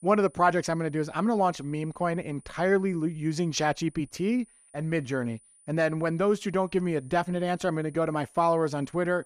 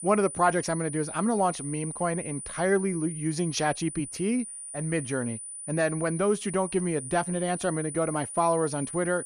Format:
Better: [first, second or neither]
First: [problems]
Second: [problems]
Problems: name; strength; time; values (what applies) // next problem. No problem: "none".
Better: first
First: high-pitched whine; faint; throughout; 9.5 kHz, 30 dB below the speech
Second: high-pitched whine; loud; throughout; 9.5 kHz, 8 dB below the speech